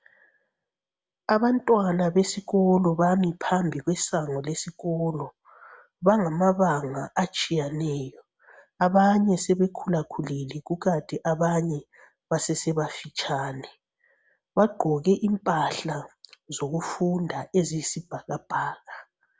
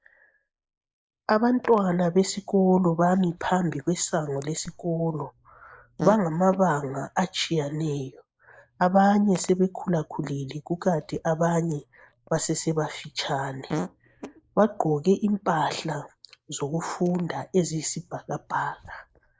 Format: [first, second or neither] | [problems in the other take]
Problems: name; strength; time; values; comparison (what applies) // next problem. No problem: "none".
first | noise reduction (neural mask model Resemble Enhance denoiser)